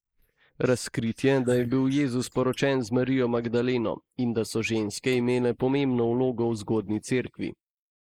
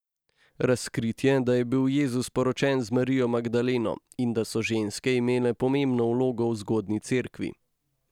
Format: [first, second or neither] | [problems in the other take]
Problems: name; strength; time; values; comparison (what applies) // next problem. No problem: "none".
second | noise reduction (neural mask model Resemble Enhance denoiser)